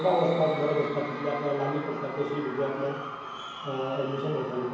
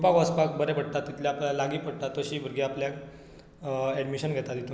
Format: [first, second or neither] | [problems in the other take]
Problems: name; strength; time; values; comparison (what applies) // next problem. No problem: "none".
second | background sound (Crowd / Cheering); 9 dB below the speech // room echo; dies away in 2.4 s